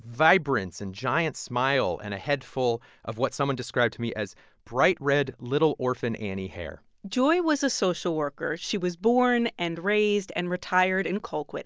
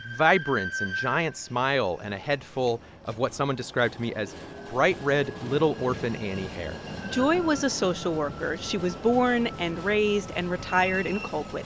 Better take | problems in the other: first | background sound (Train); 11 dB below the speech

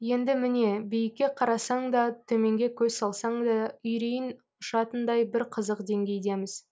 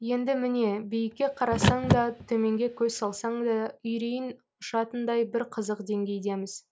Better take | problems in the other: first | background sound (Car); 2 dB below the speech

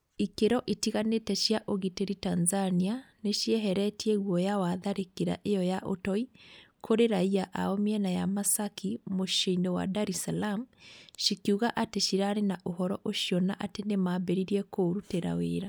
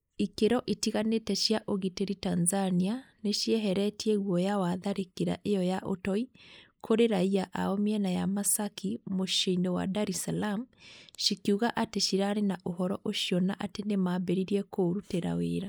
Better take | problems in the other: first | noise reduction (neural mask model Resemble Enhance denoiser)

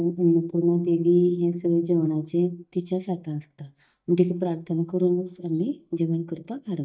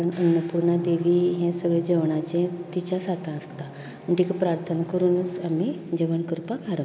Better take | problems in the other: second | noise reduction (neural mask model DeepFilterNet 3)

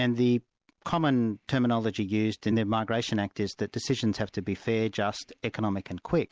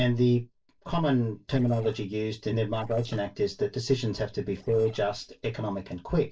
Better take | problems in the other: first | noise reduction (neural separator model SepFormer DNS4)

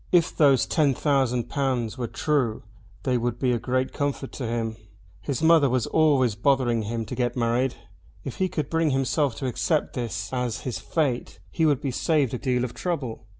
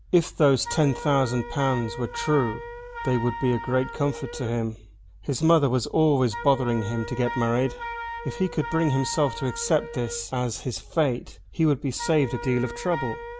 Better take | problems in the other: first | background sound (Wind instrument, woodwind instrument); 12 dB below the speech

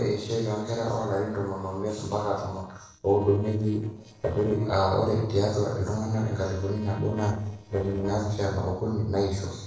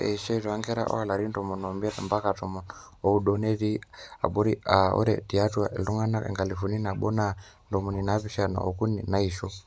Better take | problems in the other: second | noise reduction (neural separator model SepFormer DNS4)

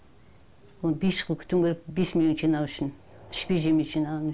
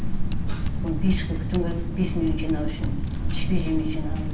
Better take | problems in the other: first | background sound (Typing); 3 dB above the speech // room echo; dies away in 0.9 s

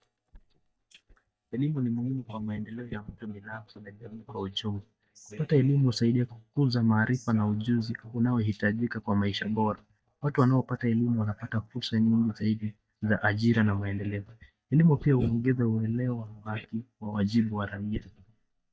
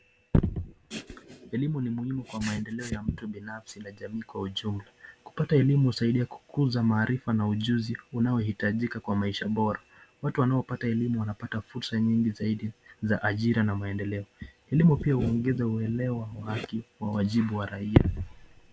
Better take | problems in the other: second | noise reduction (neural mask model DeepFilterNet 3)

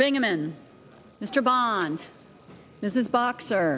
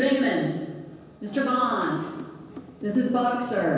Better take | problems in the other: first | background sound (Drum); 17 dB below the speech // room echo; dies away in 1.2 s

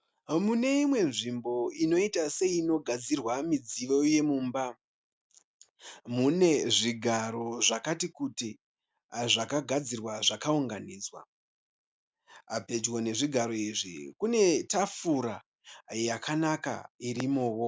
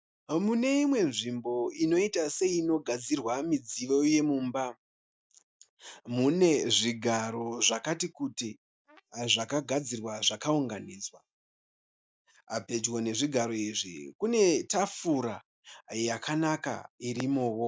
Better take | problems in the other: first | noise reduction (neural mask model DeepFilterNet 3)

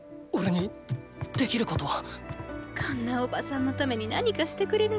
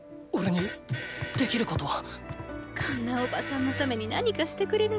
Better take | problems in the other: first | background sound (Fart); 12 dB below the speech

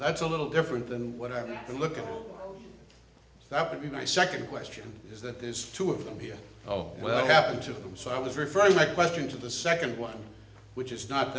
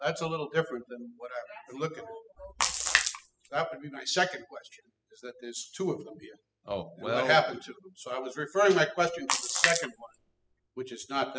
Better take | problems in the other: first | noise reduction (classical method spectral subtraction)

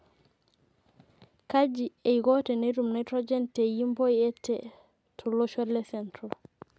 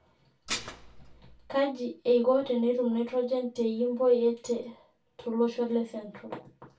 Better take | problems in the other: first | background sound (Dishes, pots, and pans); 11 dB below the speech // room echo; dies away in 0.2 s

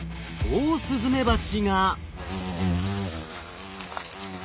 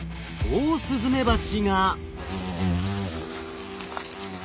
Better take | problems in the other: first | background sound (Acoustic guitar / Strum); 14 dB below the speech

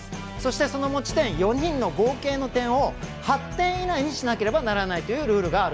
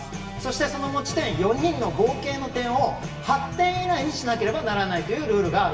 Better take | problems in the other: first | room echo; dies away in 1 s

